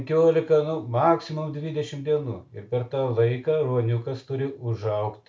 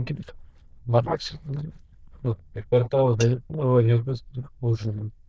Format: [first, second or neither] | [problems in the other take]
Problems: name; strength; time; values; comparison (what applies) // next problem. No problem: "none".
first | noise reduction (neural diffusion model UNIVERSE++)